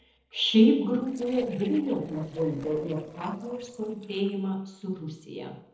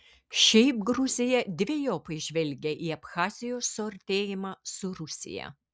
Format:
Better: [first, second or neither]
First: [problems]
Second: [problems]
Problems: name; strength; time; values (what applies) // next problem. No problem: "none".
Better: second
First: noise reduction (neural separator model SepFormer DNS4)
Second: none